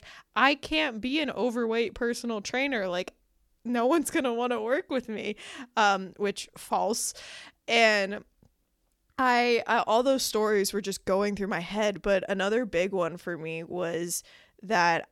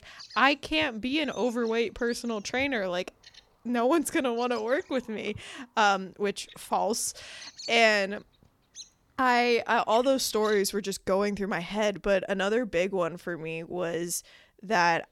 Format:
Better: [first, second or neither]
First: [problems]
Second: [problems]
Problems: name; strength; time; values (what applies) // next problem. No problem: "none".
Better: first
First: none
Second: animal sounds; faint; throughout; 20 dB below the speech